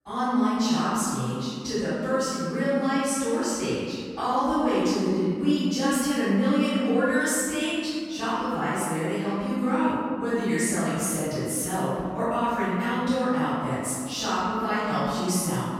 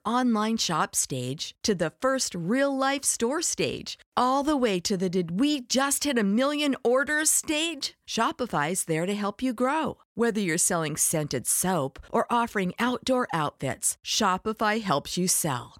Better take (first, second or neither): second